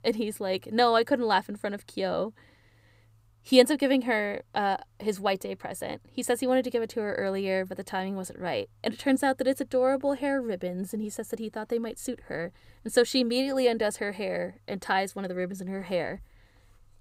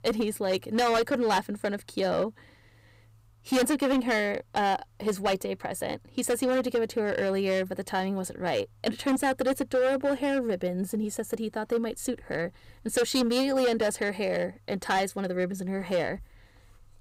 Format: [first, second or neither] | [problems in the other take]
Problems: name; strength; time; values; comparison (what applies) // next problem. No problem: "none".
first | distortion; heavy; 8% of the sound clipped